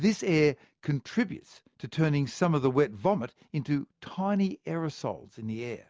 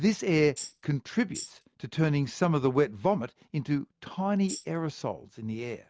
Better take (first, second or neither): first